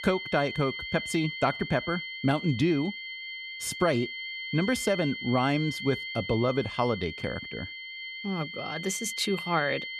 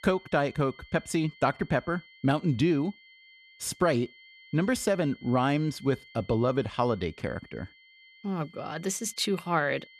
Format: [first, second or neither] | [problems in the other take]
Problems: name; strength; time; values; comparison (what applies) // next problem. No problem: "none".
second | high-pitched whine; loud; throughout; 2 kHz, 7 dB below the speech; faint in the second